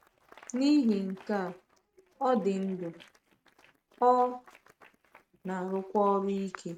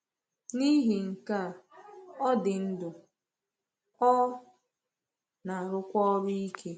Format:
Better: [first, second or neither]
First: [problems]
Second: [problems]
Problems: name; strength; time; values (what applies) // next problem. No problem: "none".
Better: second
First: noise reduction (neural mask model RNNoise)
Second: none